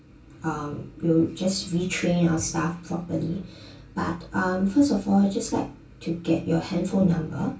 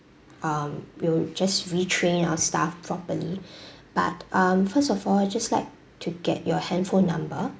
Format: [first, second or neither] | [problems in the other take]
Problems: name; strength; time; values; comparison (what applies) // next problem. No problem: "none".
second | room echo; dies away in 0.2 s